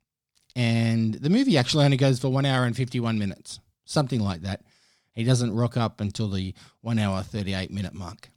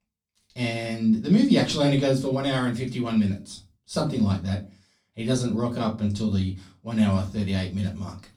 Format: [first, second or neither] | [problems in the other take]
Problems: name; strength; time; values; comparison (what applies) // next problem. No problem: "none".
first | off-mic speech; far // room echo; very slight; dies away in 0.2 s